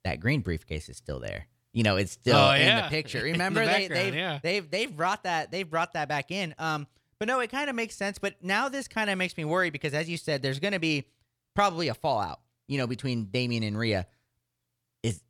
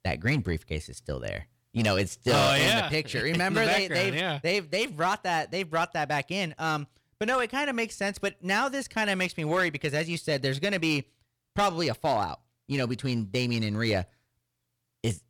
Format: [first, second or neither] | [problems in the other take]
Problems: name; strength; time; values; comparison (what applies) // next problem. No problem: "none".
first | distortion; slight; 4% of the sound clipped